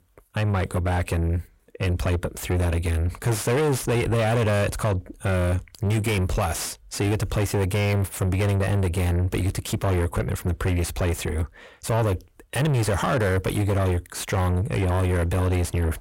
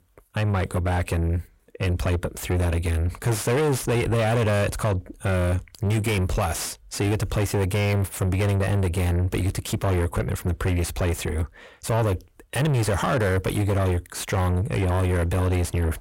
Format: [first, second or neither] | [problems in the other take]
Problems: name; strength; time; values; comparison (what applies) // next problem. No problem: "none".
neither | distortion; heavy; 7 dB below the speech; the same in both